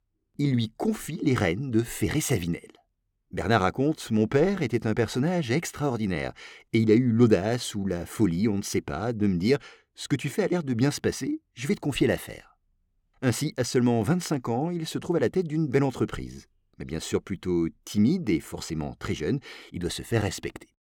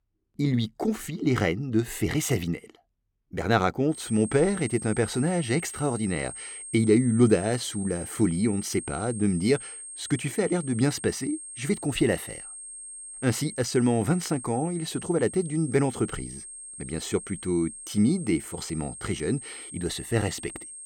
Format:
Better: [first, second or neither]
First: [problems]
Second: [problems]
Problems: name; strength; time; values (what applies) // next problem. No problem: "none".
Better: first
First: none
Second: high-pitched whine; noticeable; from 4 s on; 8.5 kHz, 10 dB below the speech